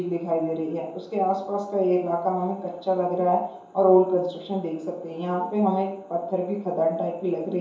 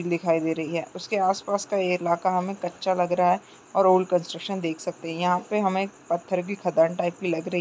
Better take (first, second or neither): second